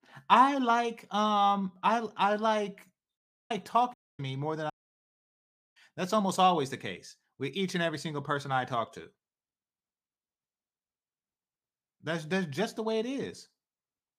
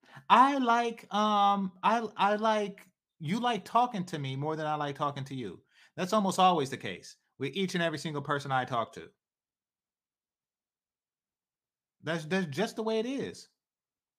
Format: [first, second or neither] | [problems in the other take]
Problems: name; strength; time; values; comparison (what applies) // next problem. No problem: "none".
second | audio cutting out; at 3 s, at 4 s and at 4.5 s for 1 s